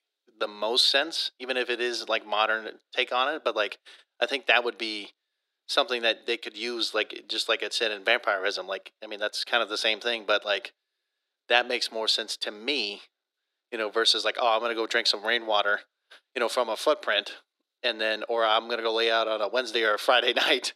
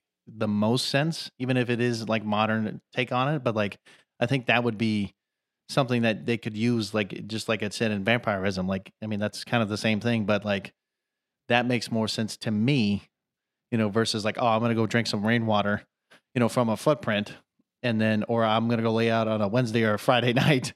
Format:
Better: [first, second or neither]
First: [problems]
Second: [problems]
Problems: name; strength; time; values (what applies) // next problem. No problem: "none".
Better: second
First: thin; very; fading below 350 Hz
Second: none